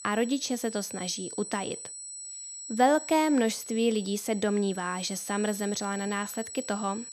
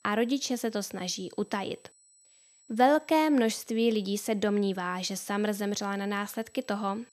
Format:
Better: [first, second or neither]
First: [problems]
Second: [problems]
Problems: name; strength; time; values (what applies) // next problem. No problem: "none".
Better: second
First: high-pitched whine; loud; throughout; 8 kHz, 10 dB below the speech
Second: high-pitched whine; faint; throughout; 8 kHz, 30 dB below the speech